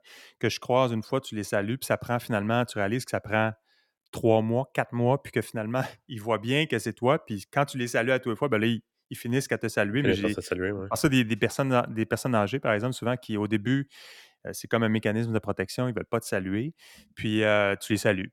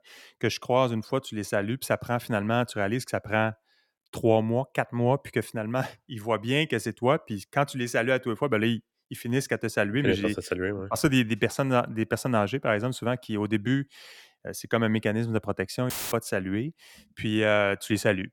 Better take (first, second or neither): first